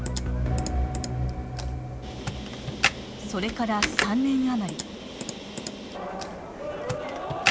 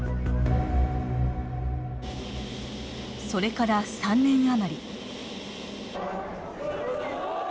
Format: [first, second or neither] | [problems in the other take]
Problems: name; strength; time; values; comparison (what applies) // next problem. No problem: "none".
second | background sound (Computer keyboard); 4 dB below the speech